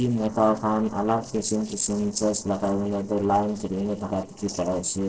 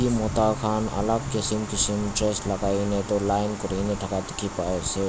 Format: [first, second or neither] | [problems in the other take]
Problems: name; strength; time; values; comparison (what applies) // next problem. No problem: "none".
second | noise reduction (neural separator model SepFormer DNS4)